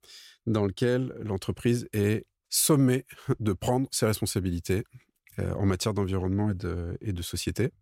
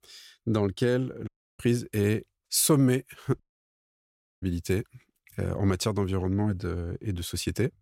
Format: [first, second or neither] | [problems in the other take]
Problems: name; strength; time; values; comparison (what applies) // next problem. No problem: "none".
first | audio cutting out; at 1.5 s and at 3.5 s for 1 s